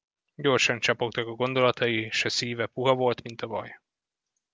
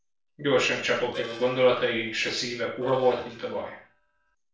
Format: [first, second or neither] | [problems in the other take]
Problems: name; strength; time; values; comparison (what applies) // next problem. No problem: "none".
first | noise reduction (neural separator model SepFormer DNS4)